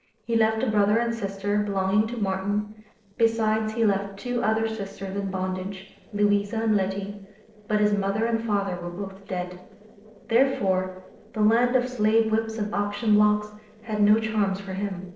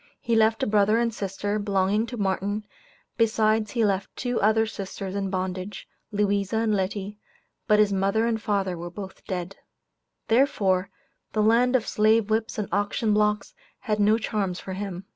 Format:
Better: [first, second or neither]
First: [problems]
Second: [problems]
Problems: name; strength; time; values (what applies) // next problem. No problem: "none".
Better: second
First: noise reduction (neural separator model SepFormer DNS4)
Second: none